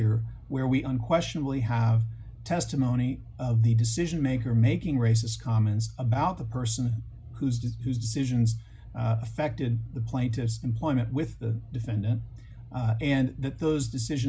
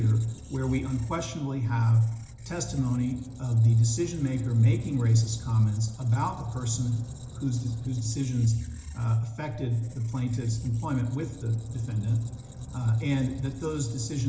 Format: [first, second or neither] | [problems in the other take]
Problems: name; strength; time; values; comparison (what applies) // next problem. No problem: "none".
first | background sound (Squeak); 15 dB below the speech // room echo; dies away in 0.8 s